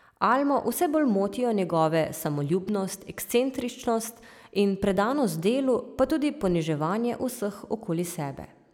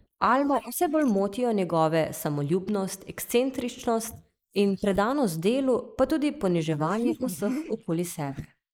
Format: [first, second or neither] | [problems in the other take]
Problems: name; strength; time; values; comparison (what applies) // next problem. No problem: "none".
first | noise reduction (neural mask model Resemble Enhance denoiser)